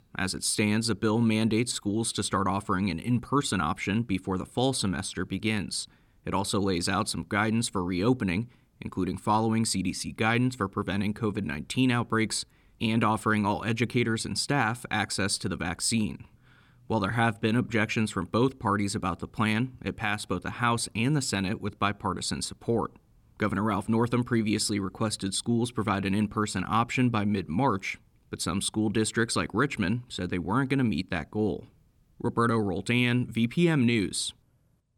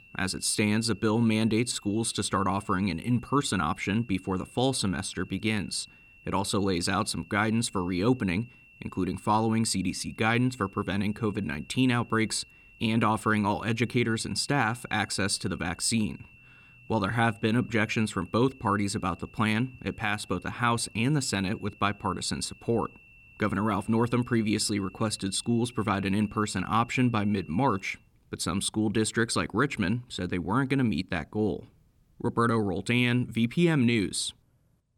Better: first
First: none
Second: high-pitched whine; faint; until 28 s; 2.5 kHz, 25 dB below the speech

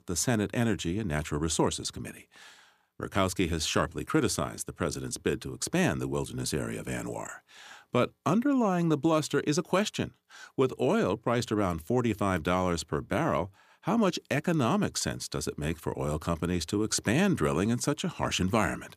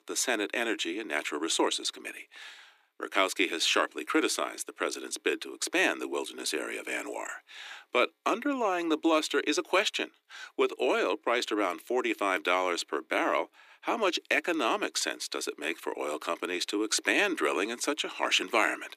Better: first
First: none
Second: thin; somewhat; fading below 300 Hz

